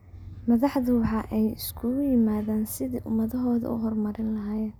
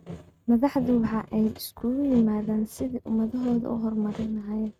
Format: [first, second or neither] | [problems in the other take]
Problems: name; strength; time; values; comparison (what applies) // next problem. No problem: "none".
first | noise reduction (neural mask model RNNoise)